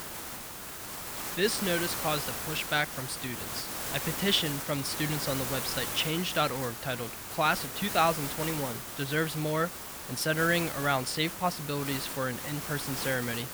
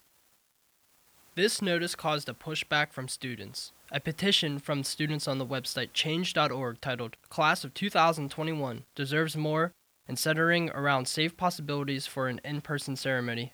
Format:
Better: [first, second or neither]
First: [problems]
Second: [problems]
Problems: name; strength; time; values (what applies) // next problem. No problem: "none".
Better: second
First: hiss; loud; throughout; 4 dB below the speech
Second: hiss; faint; throughout; 30 dB below the speech